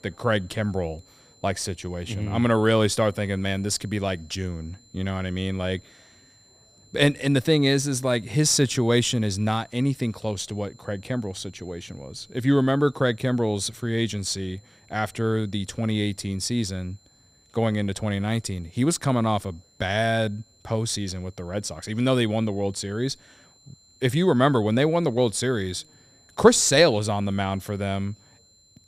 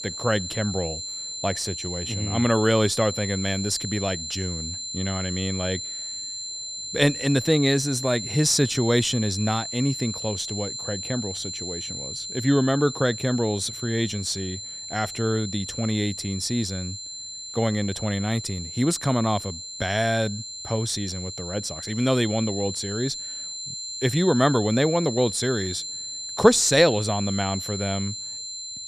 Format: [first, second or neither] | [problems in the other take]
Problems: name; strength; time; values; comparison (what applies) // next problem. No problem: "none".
first | high-pitched whine; loud; throughout; 4 kHz, 7 dB below the speech; faint in the first